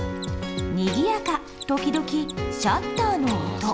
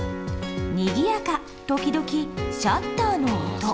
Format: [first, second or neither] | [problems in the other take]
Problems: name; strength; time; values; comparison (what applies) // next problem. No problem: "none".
second | background sound (Mechanisms); 19 dB below the speech